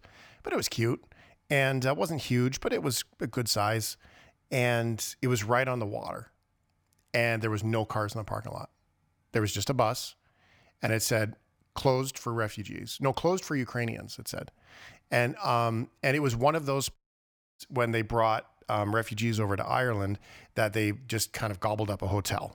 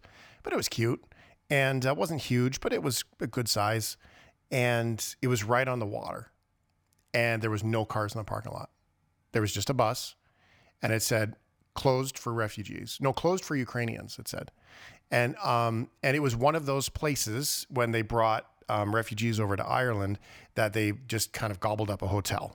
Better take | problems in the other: second | audio cutting out; at 17 s for 0.5 s

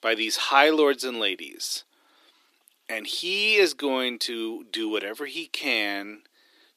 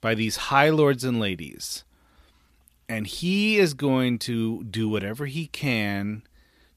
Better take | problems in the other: second | thin; somewhat; fading below 300 Hz

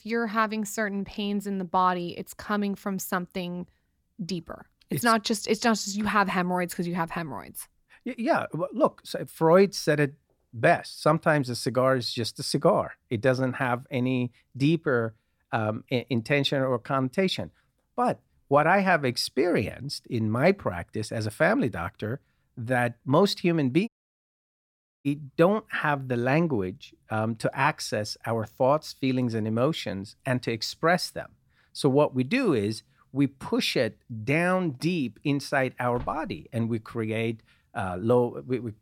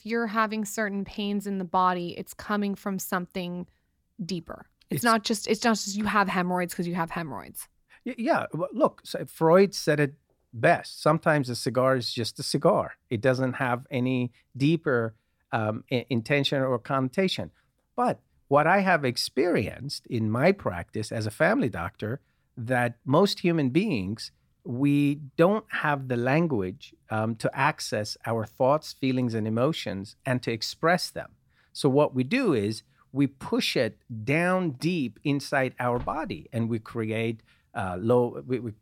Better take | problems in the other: second | audio cutting out; at 24 s for 1 s

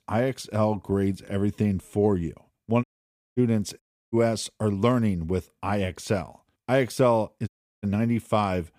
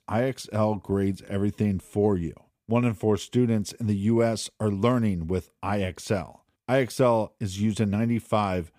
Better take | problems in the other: second | audio cutting out; at 3 s for 0.5 s, at 4 s and at 7.5 s

